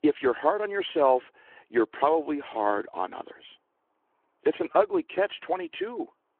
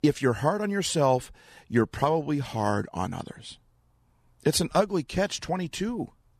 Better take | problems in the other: second | phone-call audio

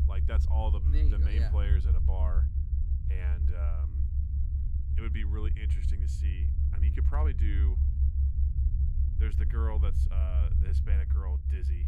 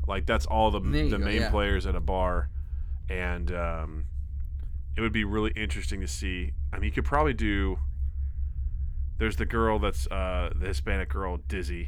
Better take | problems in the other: second | low rumble; loud; throughout; 2 dB below the speech; faint in the second

